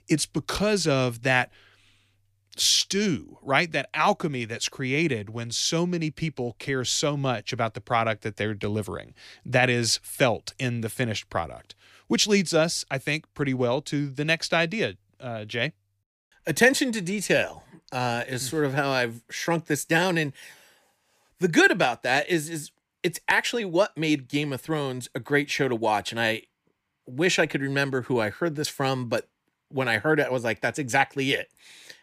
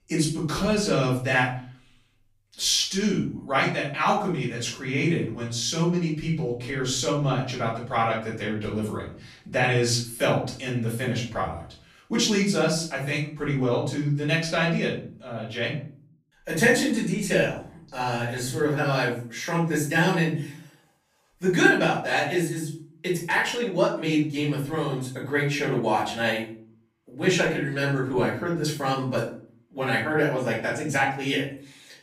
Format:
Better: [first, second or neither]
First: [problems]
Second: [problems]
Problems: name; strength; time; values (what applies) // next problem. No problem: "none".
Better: first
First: none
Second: off-mic speech; far // room echo; noticeable; dies away in 0.5 s